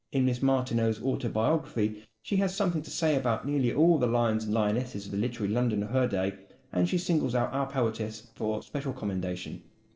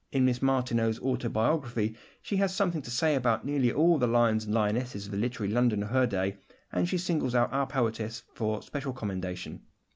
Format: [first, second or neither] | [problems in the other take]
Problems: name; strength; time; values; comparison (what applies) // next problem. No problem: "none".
second | noise reduction (neural separator model SepFormer DNS4)